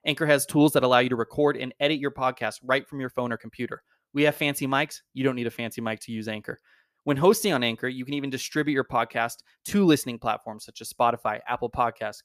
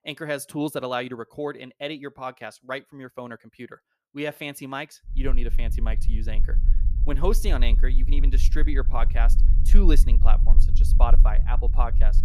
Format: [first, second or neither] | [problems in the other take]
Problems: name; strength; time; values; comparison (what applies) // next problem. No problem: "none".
first | low rumble; noticeable; from 5 s on; 15 dB below the speech